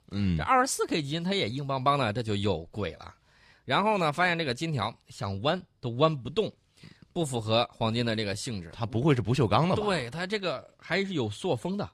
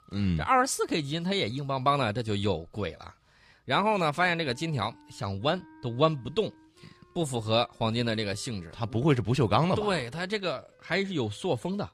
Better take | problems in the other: first | background music; faint; throughout; 30 dB below the speech

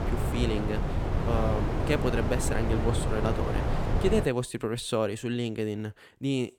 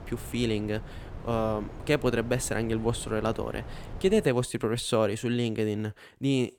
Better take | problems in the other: second | wind noise on the microphone; heavy; until 4 s; 2 dB below the speech; occasional gusts in the second

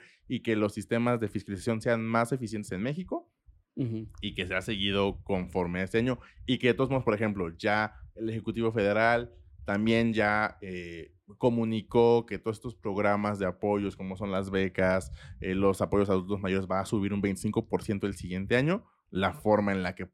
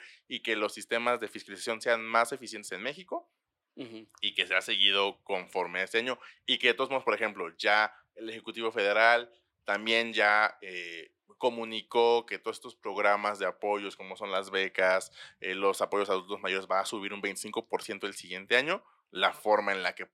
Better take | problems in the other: first | thin; very; fading below 600 Hz

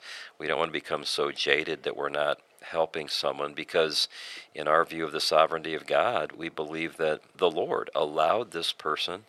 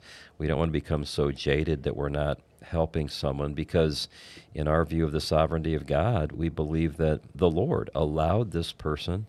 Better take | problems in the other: second | thin; very; fading below 550 Hz

